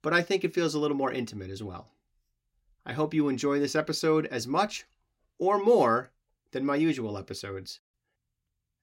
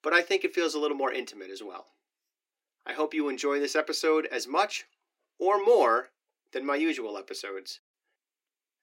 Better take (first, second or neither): first